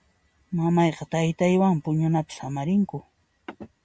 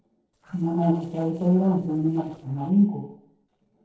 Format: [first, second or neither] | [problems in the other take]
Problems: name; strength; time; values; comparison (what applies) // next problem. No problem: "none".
first | noise reduction (neural separator model SepFormer DNS4)